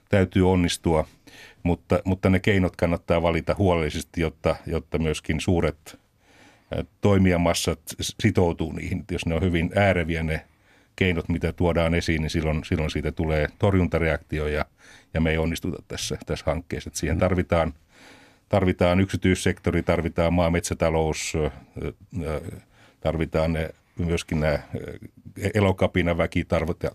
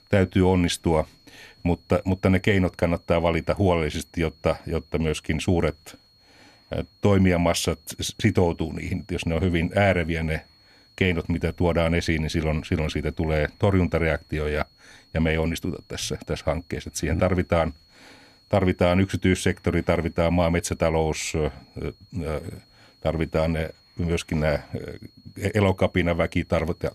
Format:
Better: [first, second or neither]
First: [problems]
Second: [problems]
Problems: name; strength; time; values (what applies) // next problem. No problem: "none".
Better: first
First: none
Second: high-pitched whine; faint; throughout; 4.5 kHz, 30 dB below the speech